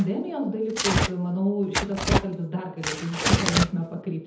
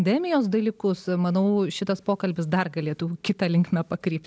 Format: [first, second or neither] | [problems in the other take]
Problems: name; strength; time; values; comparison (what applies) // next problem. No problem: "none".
second | background sound (Tearing); as loud as the speech // room echo; dies away in 0.7 s